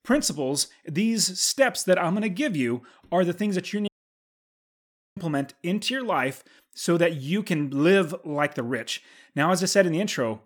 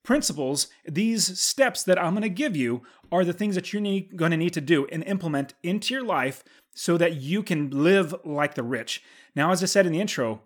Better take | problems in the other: second | audio cutting out; at 4 s for 1.5 s

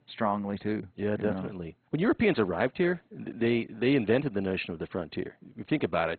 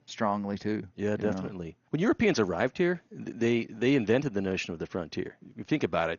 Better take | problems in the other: second | garbled, watery; badly; nothing above 4 kHz; slightly in the second

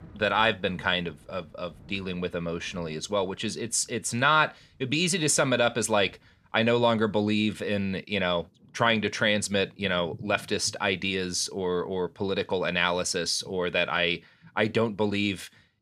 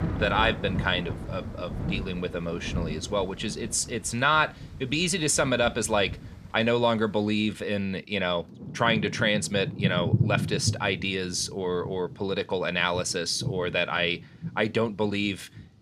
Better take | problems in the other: first | rain or running water; loud; throughout; 8 dB below the speech; faint in the first

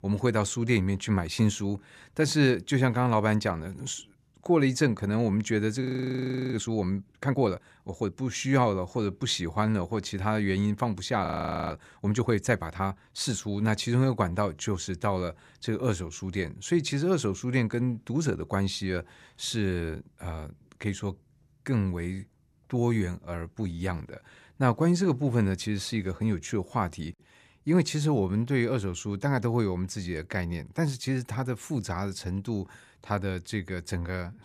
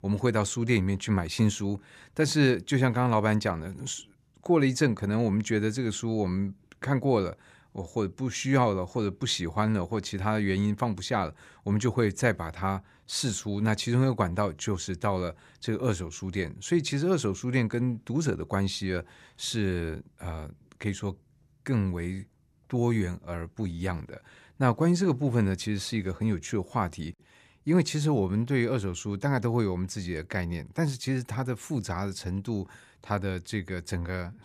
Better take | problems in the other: second | audio freezing; at 6 s for 0.5 s and at 11 s

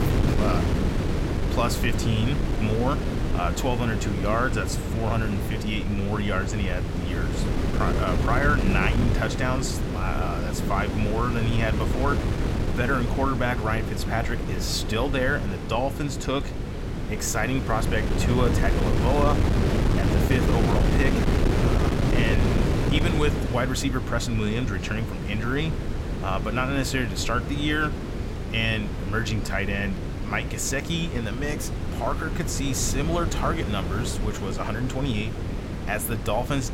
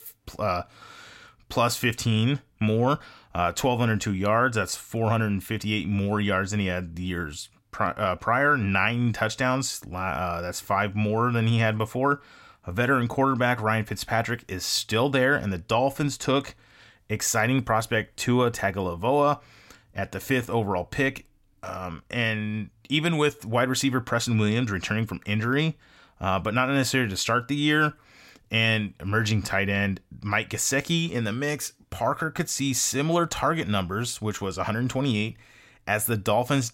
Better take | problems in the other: second | wind noise on the microphone; heavy; 4 dB below the speech

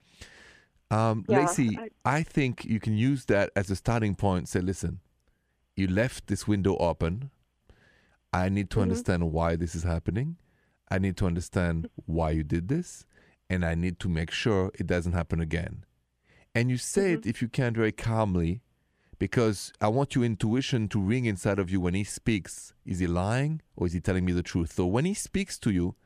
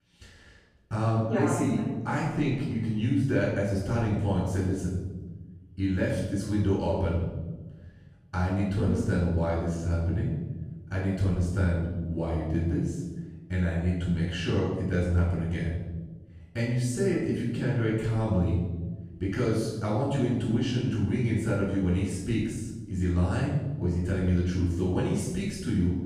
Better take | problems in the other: first | off-mic speech; far // room echo; noticeable; dies away in 1.2 s

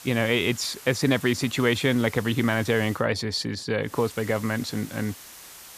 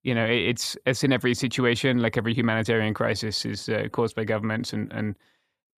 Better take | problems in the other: second | hiss; noticeable; until 3 s and from 4 s on; 15 dB below the speech

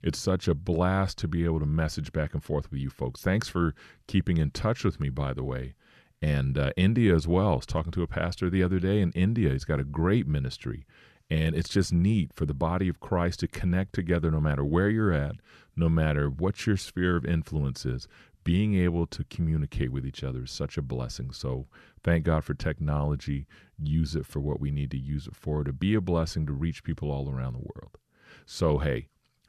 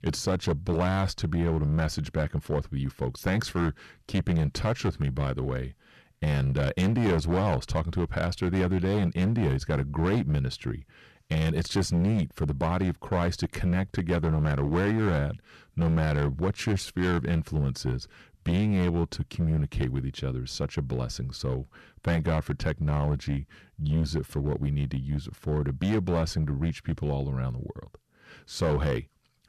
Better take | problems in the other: first | distortion; slight; 10% of the sound clipped

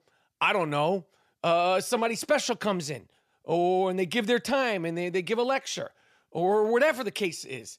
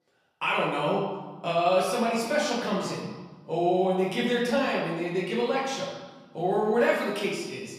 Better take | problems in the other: first | off-mic speech; far // room echo; noticeable; dies away in 1.1 s

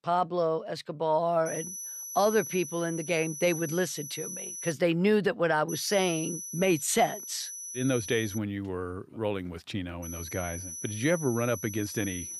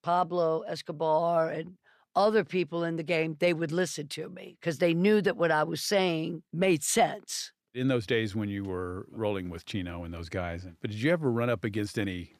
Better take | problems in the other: second | high-pitched whine; loud; from 1.5 to 4.5 s, from 5.5 to 8.5 s and from 10 s on; 6 kHz, 8 dB below the speech

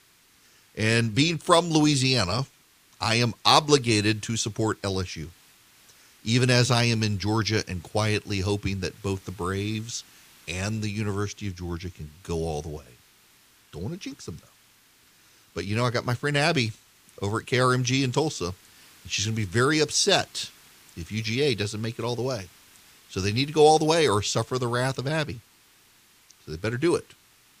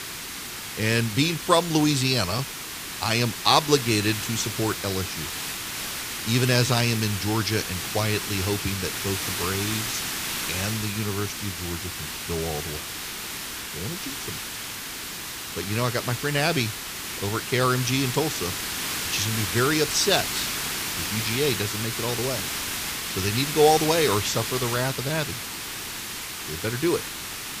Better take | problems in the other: first | hiss; loud; throughout; 4 dB below the speech; faint in the first

